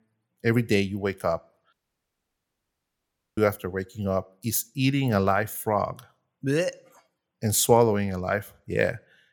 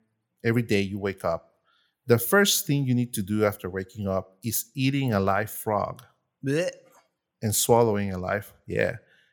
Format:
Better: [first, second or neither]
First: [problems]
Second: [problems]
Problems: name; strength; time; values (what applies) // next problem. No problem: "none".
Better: second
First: audio cutting out; at 1.5 s for 1.5 s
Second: none